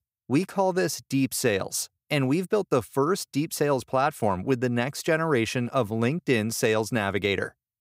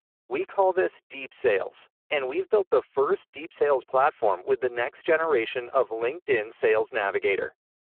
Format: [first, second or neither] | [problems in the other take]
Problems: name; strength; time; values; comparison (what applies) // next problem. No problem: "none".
first | phone-call audio; poor line